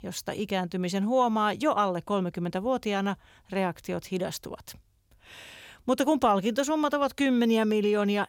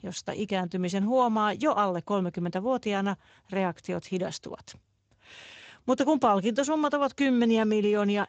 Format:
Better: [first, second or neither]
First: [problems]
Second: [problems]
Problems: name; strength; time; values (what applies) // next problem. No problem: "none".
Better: first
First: none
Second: garbled, watery; slightly; nothing above 7.5 kHz